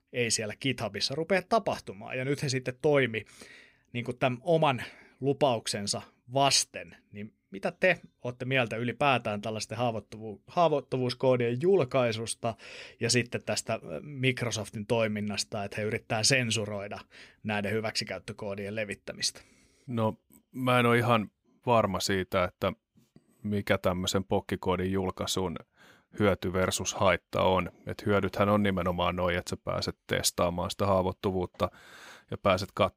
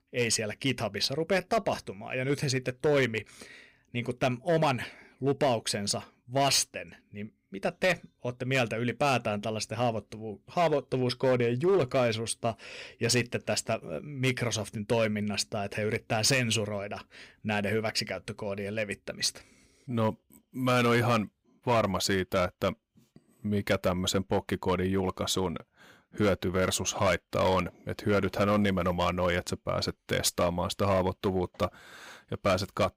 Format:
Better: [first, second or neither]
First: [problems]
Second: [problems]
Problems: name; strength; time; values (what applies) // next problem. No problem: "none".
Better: first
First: none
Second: distortion; slight; 4% of the sound clipped